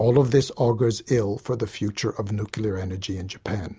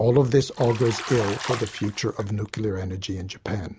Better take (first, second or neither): first